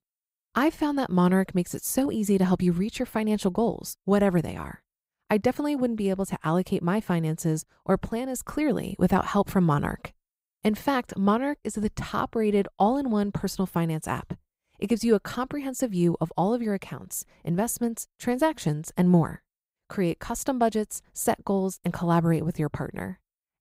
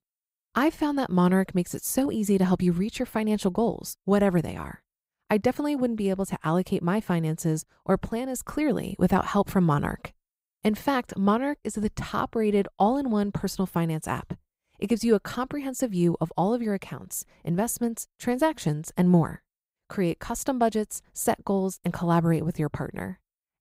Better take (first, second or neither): neither